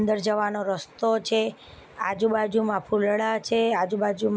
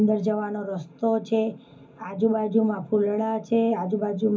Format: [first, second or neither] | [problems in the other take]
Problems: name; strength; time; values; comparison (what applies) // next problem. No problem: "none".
first | room echo; dies away in 0.3 s